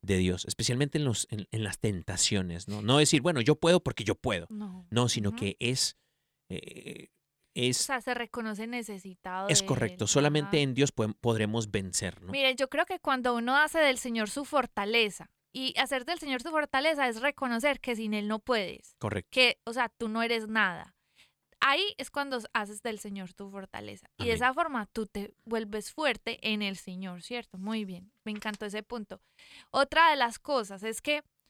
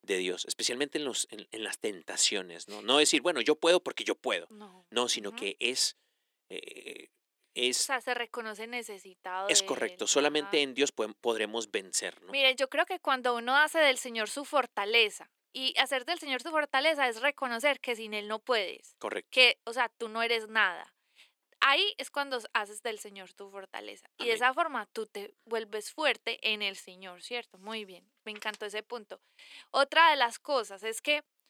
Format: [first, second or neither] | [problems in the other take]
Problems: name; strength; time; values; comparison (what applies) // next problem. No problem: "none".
first | thin; somewhat; fading below 300 Hz